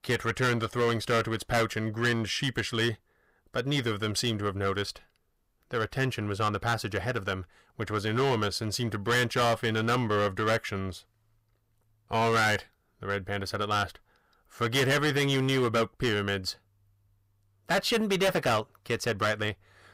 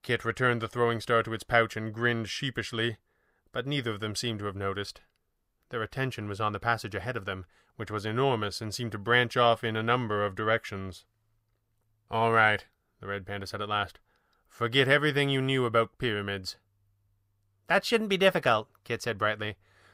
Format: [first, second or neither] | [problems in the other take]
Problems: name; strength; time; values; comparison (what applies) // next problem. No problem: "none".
second | distortion; heavy; 9% of the sound clipped